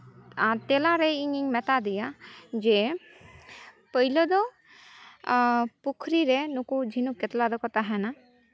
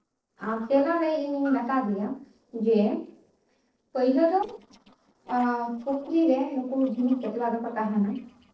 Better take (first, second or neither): first